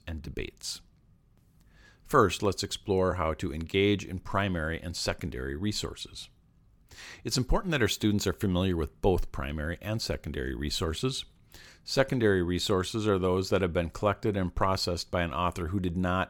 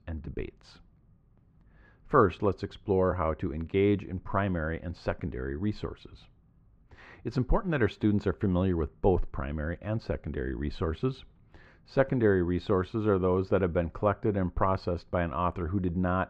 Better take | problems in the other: first | muffled; very; fading above 1.5 kHz

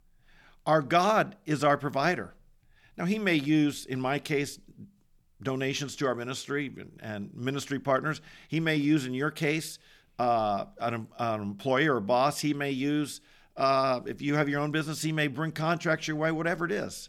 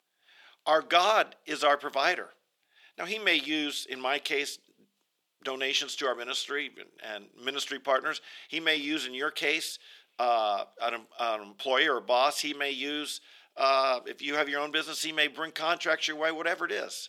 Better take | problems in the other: first | thin; somewhat; fading below 400 Hz

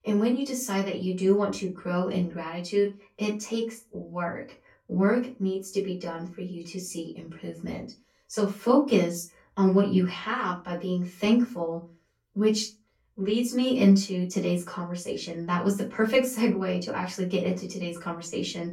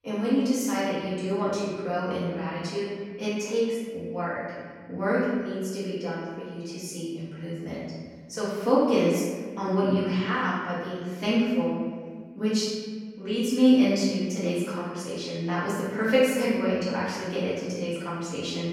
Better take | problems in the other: first | room echo; strong; dies away in 1.7 s; slight in the first // off-mic speech; far; far in the first

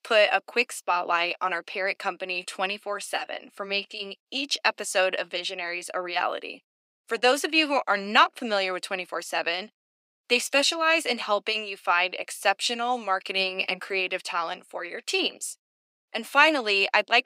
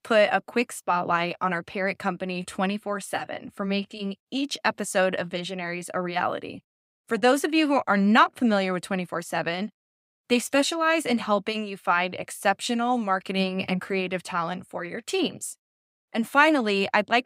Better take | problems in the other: second | thin; somewhat; fading below 350 Hz

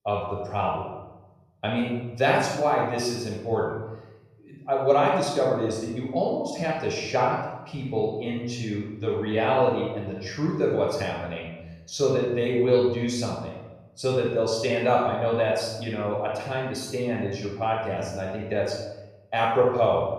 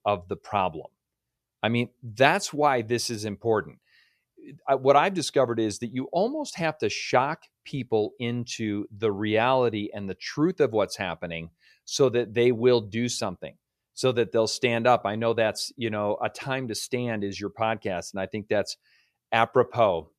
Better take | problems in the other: second | off-mic speech; far // room echo; noticeable; dies away in 1 s

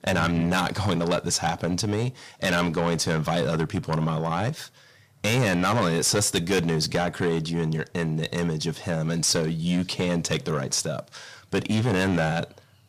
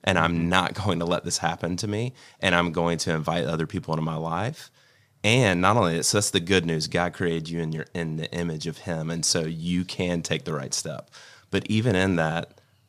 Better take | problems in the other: second | distortion; heavy; 6 dB below the speech

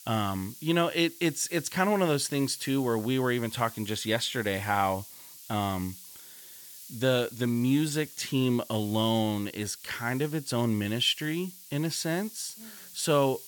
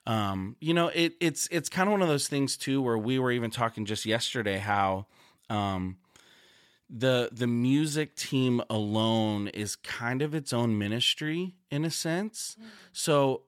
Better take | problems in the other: second | hiss; noticeable; throughout; 15 dB below the speech

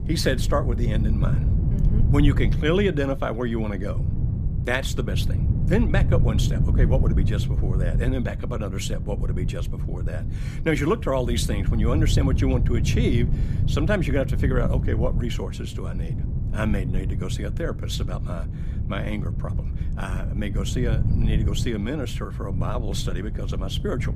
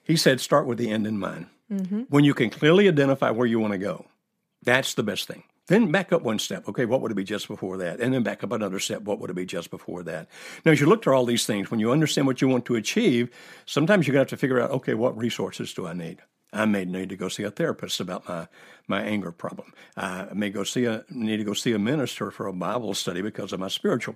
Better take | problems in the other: second | wind noise on the microphone; heavy; 9 dB below the speech

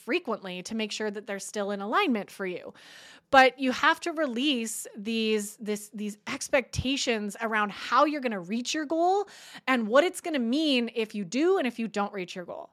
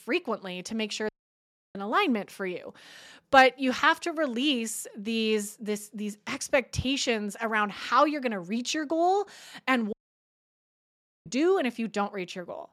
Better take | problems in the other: first | audio cutting out; at 1 s for 0.5 s and at 10 s for 1.5 s

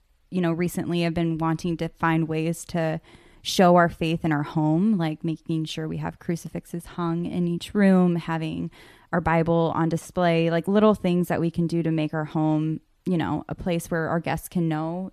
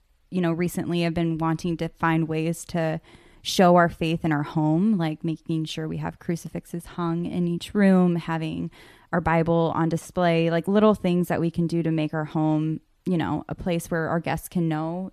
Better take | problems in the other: neither | none

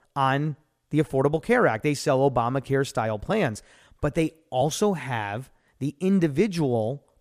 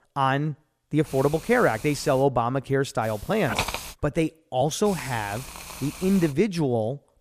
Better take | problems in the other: first | hiss; noticeable; from 1 to 2 s, at 3 s and from 5 to 6.5 s; 10 dB below the speech

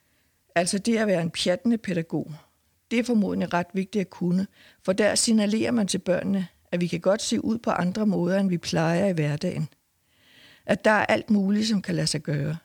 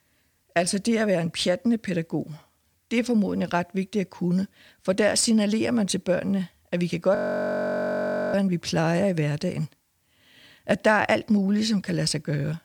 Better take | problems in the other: first | audio freezing; at 7 s for 1 s

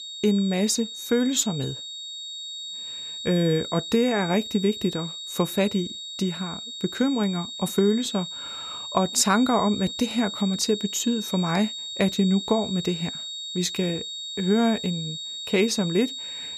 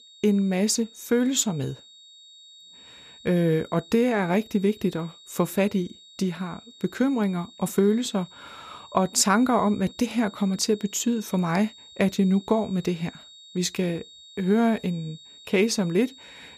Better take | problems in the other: second | high-pitched whine; loud; throughout; 4 kHz, 8 dB below the speech; faint in the second

